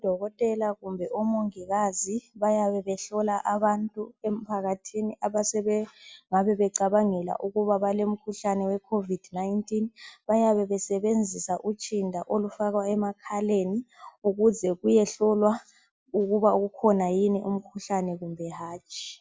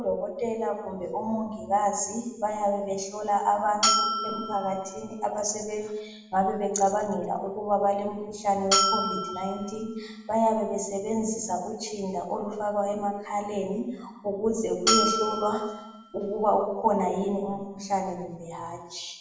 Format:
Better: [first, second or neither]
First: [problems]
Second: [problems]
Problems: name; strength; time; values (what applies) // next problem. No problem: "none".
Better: first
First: none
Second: background sound (Bell); as loud as the speech // room echo; dies away in 0.9 s